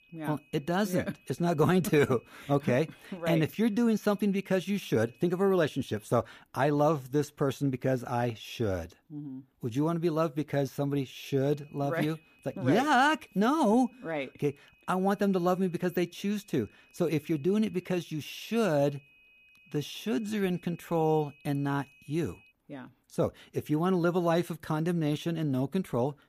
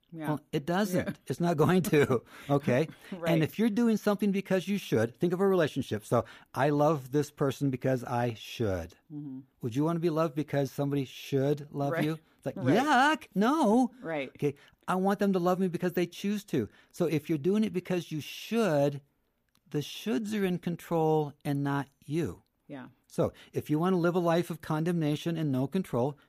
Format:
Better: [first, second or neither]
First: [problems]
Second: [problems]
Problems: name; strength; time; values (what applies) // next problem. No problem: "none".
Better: second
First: high-pitched whine; faint; until 6 s and from 11 to 23 s; 2.5 kHz, 30 dB below the speech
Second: none